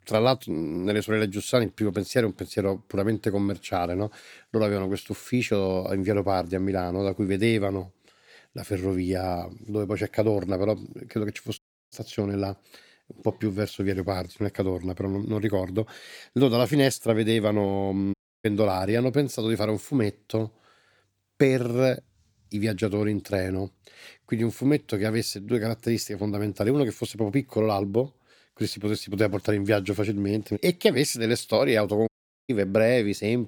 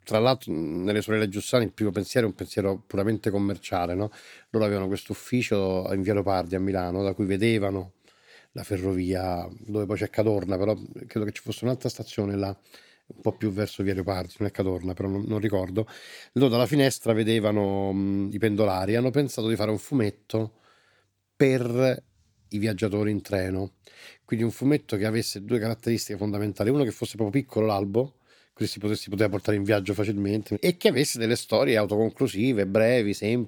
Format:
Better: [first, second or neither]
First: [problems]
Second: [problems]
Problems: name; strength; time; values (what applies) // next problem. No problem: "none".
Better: second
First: audio cutting out; at 12 s, at 18 s and at 32 s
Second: none